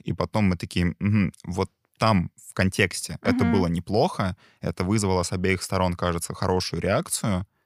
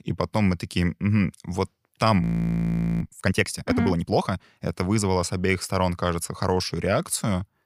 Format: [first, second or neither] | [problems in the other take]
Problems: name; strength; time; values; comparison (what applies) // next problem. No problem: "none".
first | audio freezing; at 2 s for 1 s